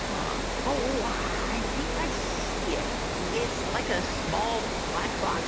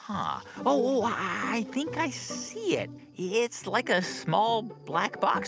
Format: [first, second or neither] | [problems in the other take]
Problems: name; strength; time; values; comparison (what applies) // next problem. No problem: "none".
second | background sound (Water); 3 dB above the speech